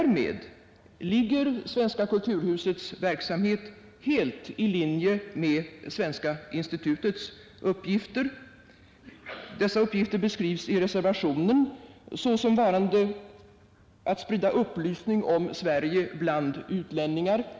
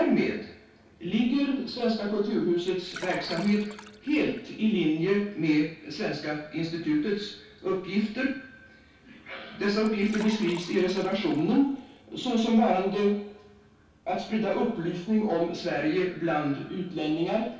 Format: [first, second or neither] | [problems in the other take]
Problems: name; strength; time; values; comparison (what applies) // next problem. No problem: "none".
first | background sound (Liquid); 18 dB below the speech // room echo; dies away in 0.3 s